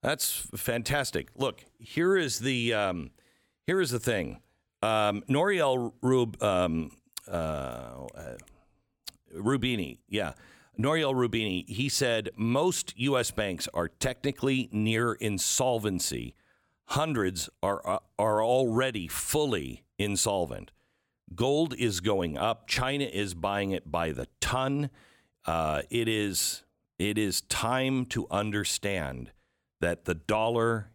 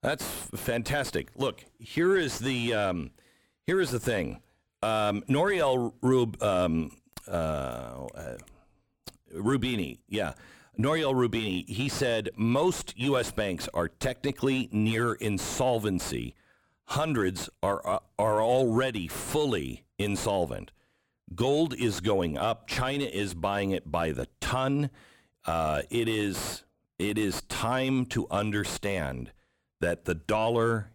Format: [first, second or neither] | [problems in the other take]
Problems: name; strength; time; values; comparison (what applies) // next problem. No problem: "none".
first | distortion; slight; 9 dB below the speech